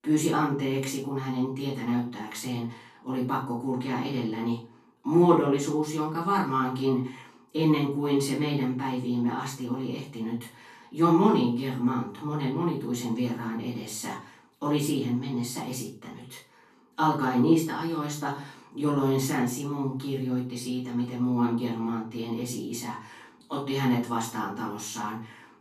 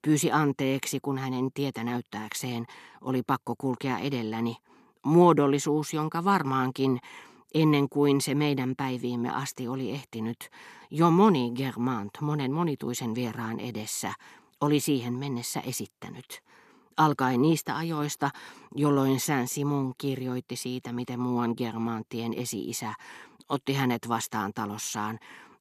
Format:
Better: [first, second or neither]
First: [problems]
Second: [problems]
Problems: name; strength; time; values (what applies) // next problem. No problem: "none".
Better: second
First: off-mic speech; far // room echo; slight; dies away in 0.3 s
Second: none